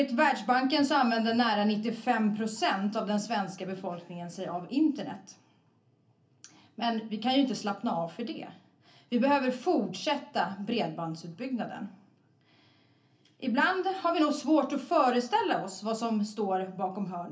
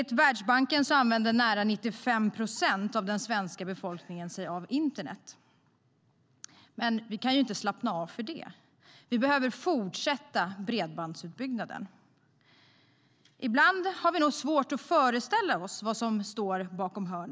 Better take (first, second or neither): second